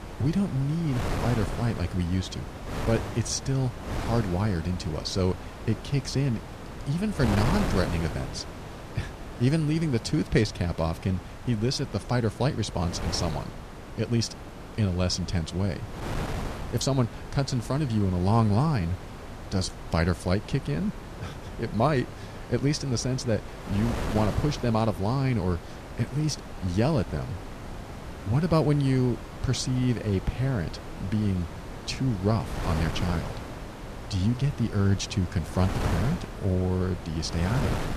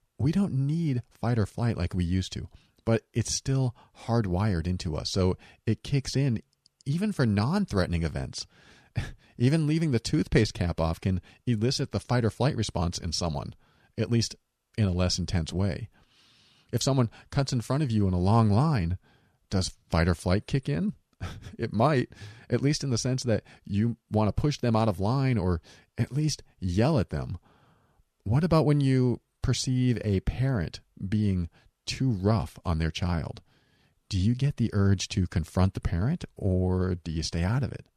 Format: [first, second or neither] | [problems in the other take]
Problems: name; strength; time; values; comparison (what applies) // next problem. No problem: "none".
second | wind noise on the microphone; heavy; 7 dB below the speech